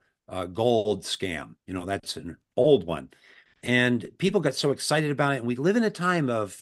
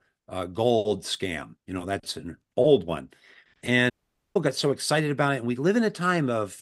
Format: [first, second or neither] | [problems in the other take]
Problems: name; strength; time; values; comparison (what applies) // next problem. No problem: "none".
first | audio cutting out; at 4 s